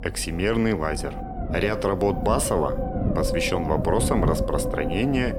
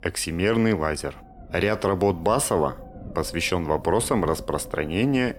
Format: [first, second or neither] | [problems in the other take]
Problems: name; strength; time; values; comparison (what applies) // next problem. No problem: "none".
second | low rumble; loud; throughout; 5 dB below the speech; faint in the second